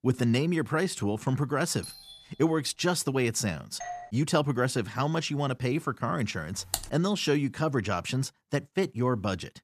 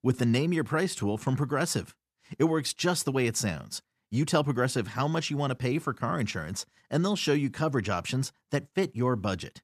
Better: second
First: doorbell; faint; at 2 s and at 4 s; peak 10 dB below the speech // keyboard typing; noticeable; at 6.5 s; peak 5 dB below the speech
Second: none

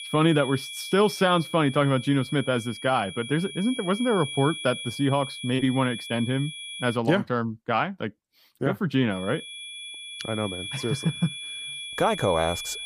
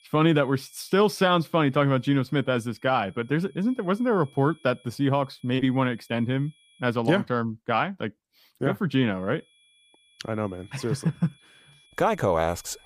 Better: second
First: high-pitched whine; loud; until 7 s and from 9 s on; 3.5 kHz, 9 dB below the speech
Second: high-pitched whine; faint; until 7 s and from 9 s on; 3.5 kHz, 30 dB below the speech

